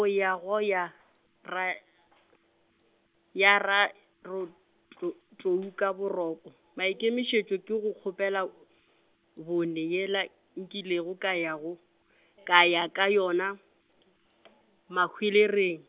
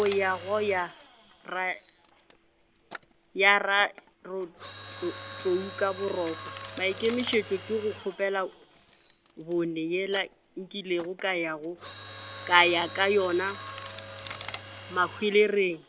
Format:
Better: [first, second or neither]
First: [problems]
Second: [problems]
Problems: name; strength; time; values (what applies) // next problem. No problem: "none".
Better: first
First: none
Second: background sound (Mechanisms); 15 dB below the speech